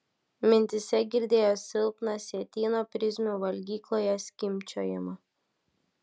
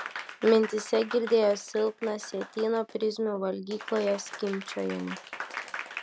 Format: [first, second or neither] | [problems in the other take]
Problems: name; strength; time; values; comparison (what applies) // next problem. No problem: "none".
first | background sound (Applause); 13 dB below the speech